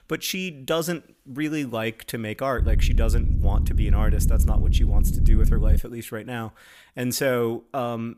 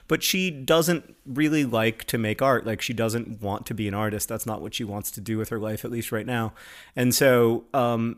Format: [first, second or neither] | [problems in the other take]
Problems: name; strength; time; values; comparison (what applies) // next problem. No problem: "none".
second | low rumble; loud; from 2.5 to 6 s; 10 dB below the speech